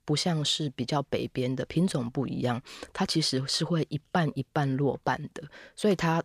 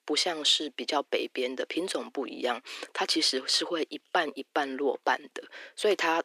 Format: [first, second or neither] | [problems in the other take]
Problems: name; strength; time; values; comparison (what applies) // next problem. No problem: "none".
first | thin; somewhat; fading below 300 Hz